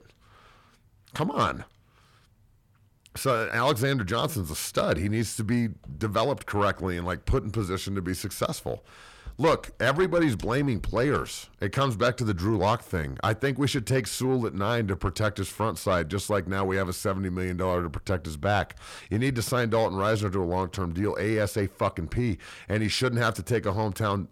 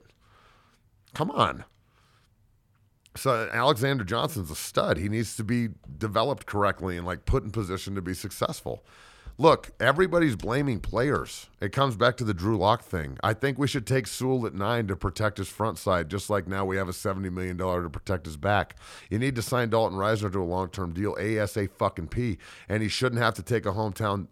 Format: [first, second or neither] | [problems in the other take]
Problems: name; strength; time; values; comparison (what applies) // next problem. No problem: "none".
second | distortion; slight; 10 dB below the speech